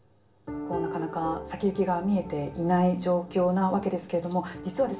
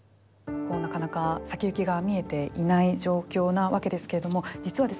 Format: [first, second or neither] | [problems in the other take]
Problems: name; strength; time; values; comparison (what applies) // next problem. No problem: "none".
second | room echo; dies away in 0.3 s